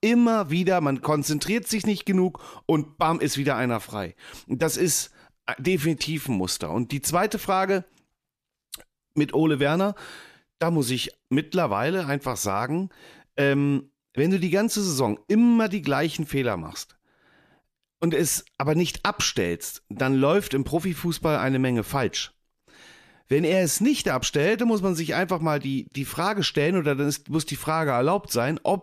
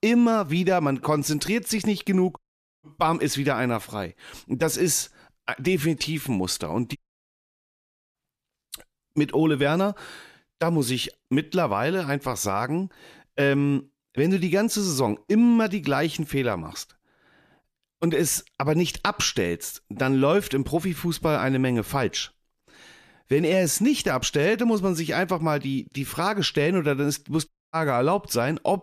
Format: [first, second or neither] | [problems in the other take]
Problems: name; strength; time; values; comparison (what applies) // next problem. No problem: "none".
first | audio cutting out; at 2.5 s, at 7 s for 1 s and at 27 s